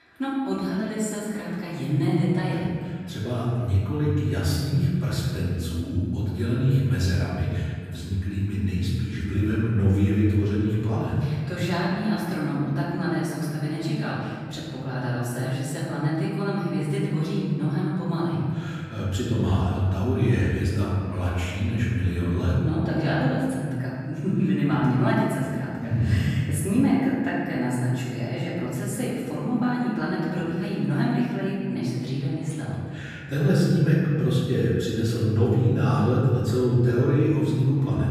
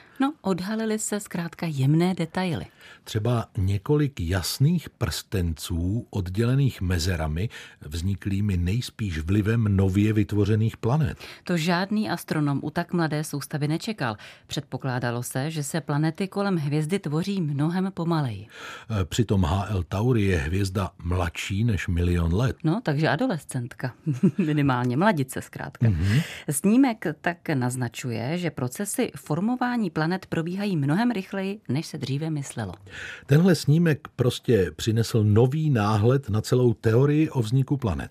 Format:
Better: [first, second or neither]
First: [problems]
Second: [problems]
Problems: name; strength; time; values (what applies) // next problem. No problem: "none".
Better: second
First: off-mic speech; far // room echo; strong; dies away in 1.9 s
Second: none